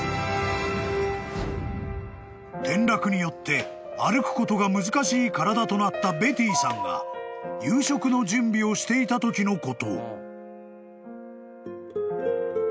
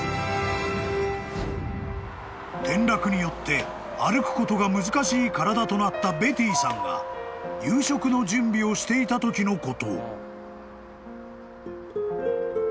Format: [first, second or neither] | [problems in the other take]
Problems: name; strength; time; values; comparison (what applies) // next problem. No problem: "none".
first | background sound (Traffic noise, roadway noise); 16 dB below the speech